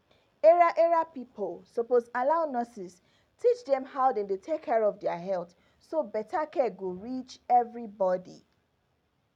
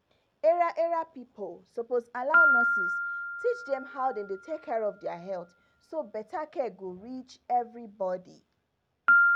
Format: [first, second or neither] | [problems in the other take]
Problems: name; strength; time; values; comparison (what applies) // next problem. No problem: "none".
first | background sound (Piano); 2 dB above the speech